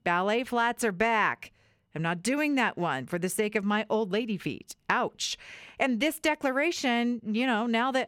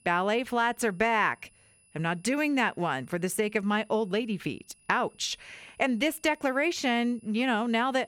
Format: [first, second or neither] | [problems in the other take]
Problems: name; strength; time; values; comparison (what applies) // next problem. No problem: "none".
first | high-pitched whine; faint; throughout; 10 kHz, 30 dB below the speech